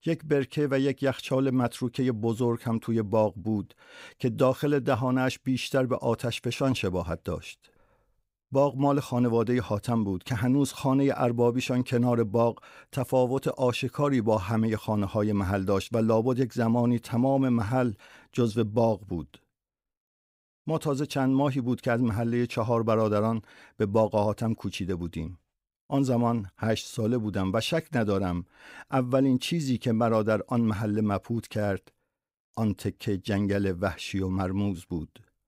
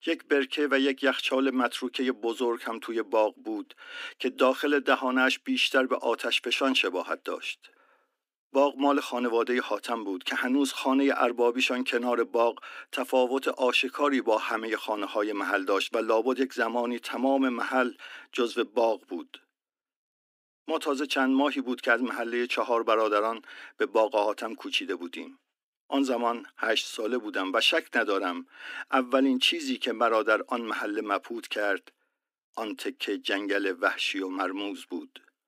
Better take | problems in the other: first | thin; very slightly; fading below 250 Hz

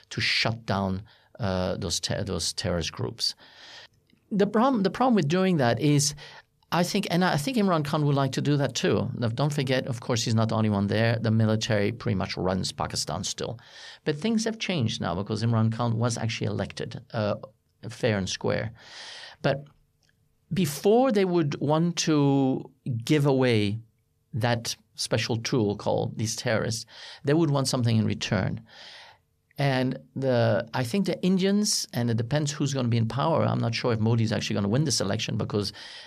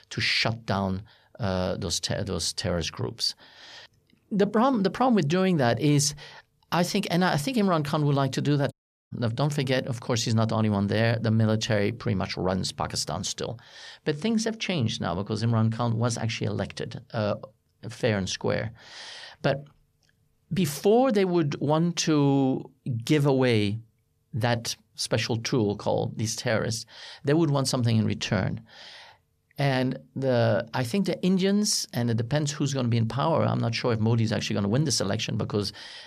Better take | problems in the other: first | audio cutting out; at 8.5 s

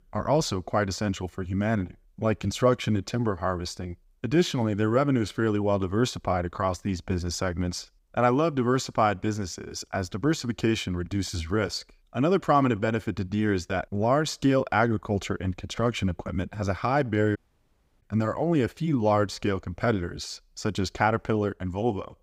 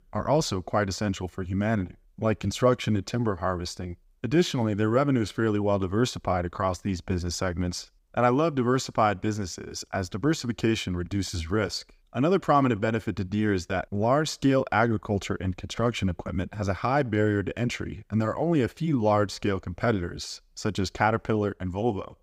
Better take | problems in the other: second | audio cutting out; at 17 s for 0.5 s

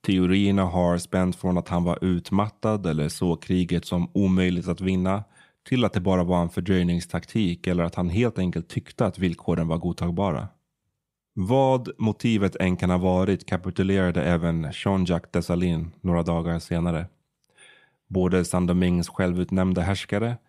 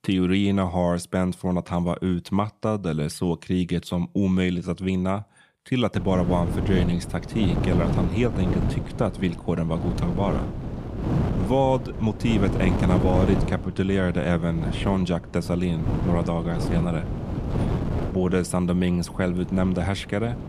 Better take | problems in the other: first | wind noise on the microphone; heavy; from 6 s on; 6 dB below the speech

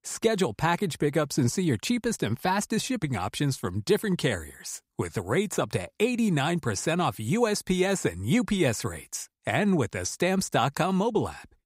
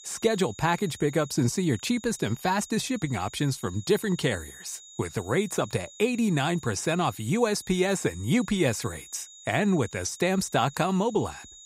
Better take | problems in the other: first | high-pitched whine; noticeable; throughout; 7 kHz, 20 dB below the speech

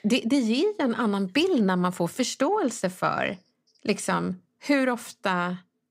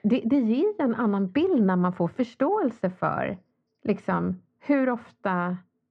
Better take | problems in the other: first | muffled; very; fading above 1.5 kHz

